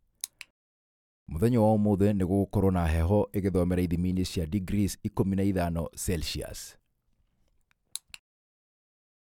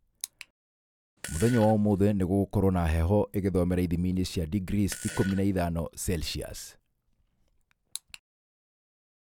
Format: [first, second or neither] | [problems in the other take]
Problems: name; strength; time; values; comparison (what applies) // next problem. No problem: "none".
first | background sound (Fart); 13 dB below the speech